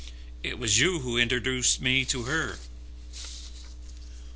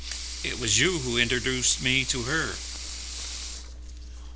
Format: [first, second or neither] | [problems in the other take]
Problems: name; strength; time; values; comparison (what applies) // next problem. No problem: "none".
first | background sound (Sink (filling or washing) / Water tap, faucet / Liquid); 10 dB below the speech